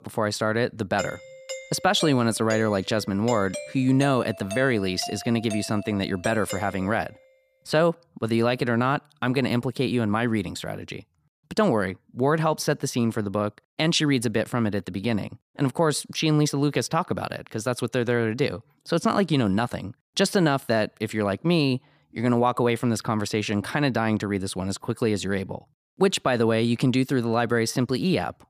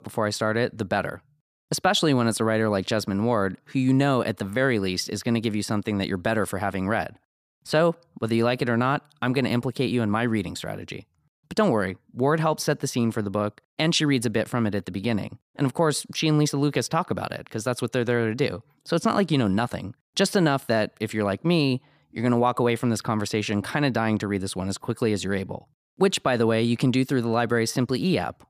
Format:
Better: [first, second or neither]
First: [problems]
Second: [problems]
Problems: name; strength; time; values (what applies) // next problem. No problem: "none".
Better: second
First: doorbell; noticeable; from 1 to 7 s; peak 10 dB below the speech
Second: none